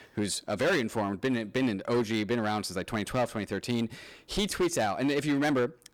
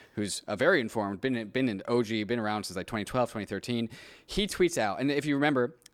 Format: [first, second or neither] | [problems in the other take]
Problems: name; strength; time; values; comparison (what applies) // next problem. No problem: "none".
second | distortion; slight; 8% of the sound clipped